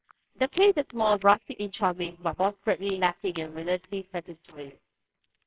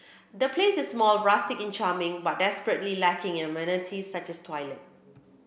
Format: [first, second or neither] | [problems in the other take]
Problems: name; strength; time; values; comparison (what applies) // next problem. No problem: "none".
second | noise reduction (neural separator model SepFormer WHAMR!)